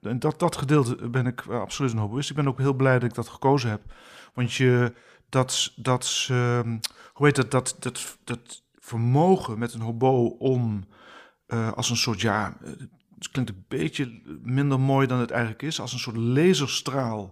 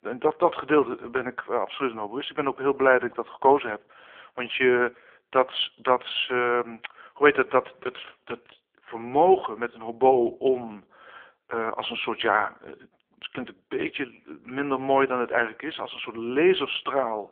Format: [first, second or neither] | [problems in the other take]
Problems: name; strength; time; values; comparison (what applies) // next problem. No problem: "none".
first | phone-call audio; poor line; nothing above 3.5 kHz